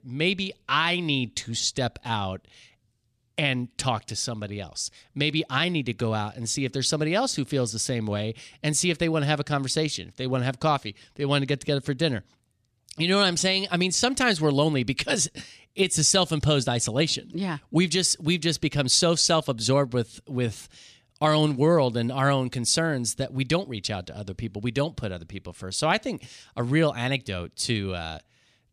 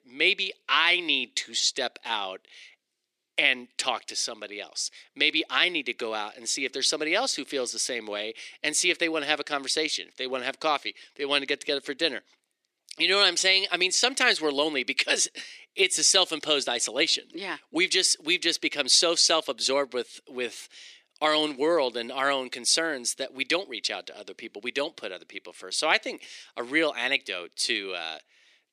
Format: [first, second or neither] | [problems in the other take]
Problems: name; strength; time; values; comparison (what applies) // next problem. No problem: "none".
first | thin; somewhat; fading below 350 Hz